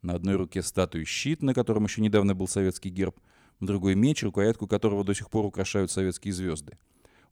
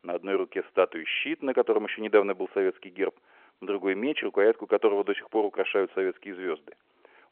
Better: first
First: none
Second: phone-call audio

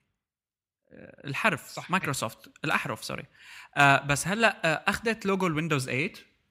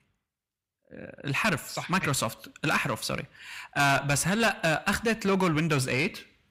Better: first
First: none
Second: distortion; heavy; 5 dB below the speech

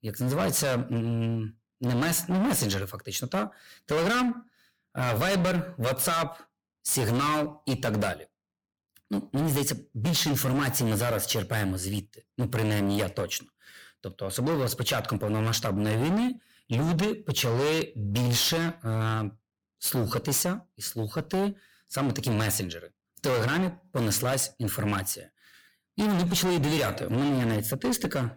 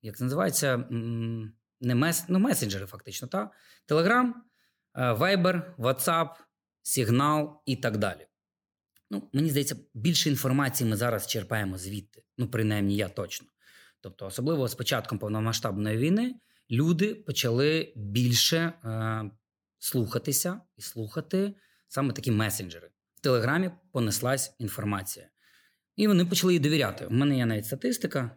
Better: second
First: distortion; heavy; 20% of the sound clipped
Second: none

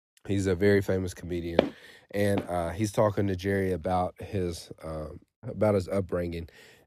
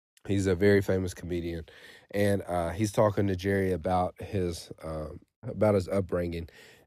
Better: second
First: footsteps; loud; at 1.5 s; peak 1 dB above the speech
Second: none

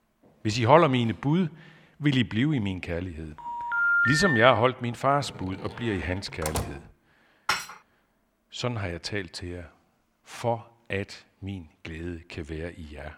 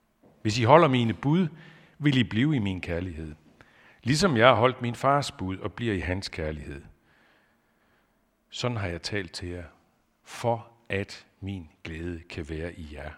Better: second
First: phone ringing; loud; from 3.5 to 4.5 s; peak 5 dB above the speech // door banging; noticeable; from 5 to 6.5 s; peak 6 dB below the speech // clattering dishes; noticeable; at 7.5 s; peak 2 dB below the speech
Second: none

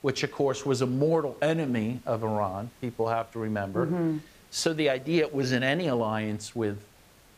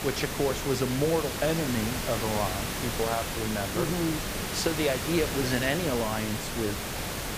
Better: first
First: hiss; faint; throughout; 25 dB below the speech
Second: hiss; loud; throughout; 2 dB below the speech

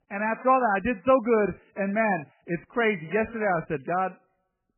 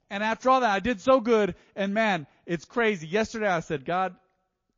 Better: second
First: garbled, watery; badly; nothing above 2.5 kHz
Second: garbled, watery; slightly; nothing above 7 kHz

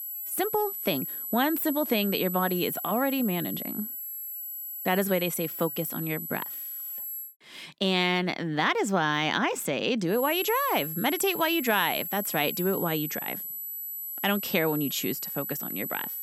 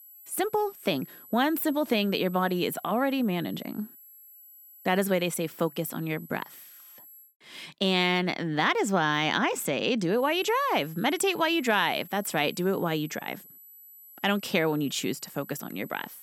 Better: second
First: high-pitched whine; loud; until 7.5 s and from 10 s on; 11.5 kHz, 5 dB below the speech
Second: high-pitched whine; faint; until 7.5 s and from 10 s on; 11.5 kHz, 20 dB below the speech

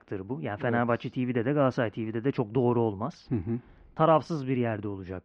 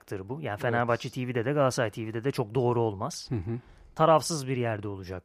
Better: second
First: muffled; slightly; fading above 3 kHz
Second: none

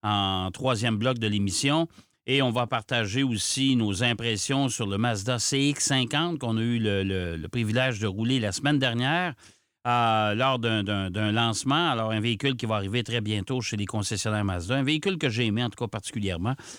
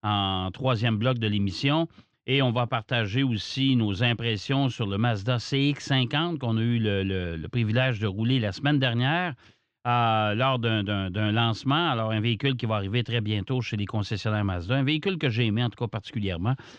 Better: first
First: none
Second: muffled; slightly; fading above 4.5 kHz

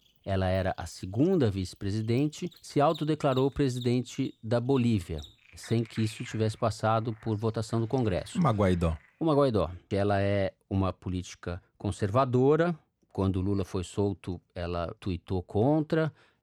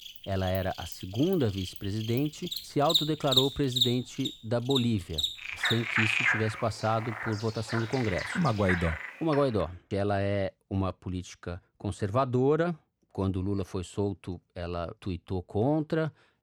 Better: first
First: animal sounds; faint; until 9.5 s; 20 dB below the speech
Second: animal sounds; loud; until 9.5 s; as loud as the speech

